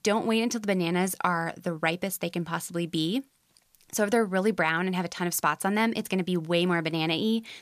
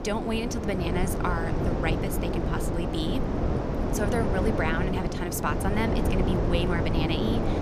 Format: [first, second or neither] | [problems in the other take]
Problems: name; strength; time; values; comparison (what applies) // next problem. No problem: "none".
first | wind noise on the microphone; heavy; 1 dB below the speech